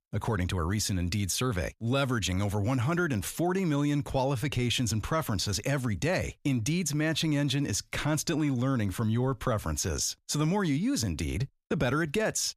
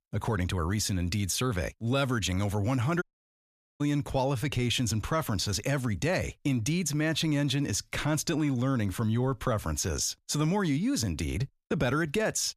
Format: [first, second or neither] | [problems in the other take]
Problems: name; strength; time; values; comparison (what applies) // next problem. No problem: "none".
first | audio cutting out; at 3 s for 1 s